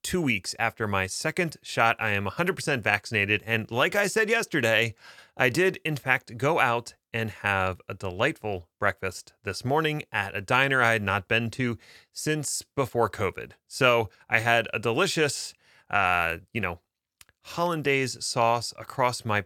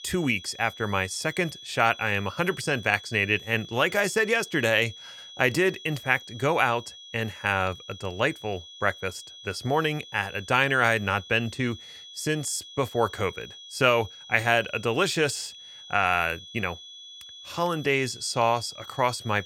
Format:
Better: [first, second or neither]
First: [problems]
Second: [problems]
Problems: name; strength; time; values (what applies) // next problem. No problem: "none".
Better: first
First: none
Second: high-pitched whine; noticeable; throughout; 3.5 kHz, 15 dB below the speech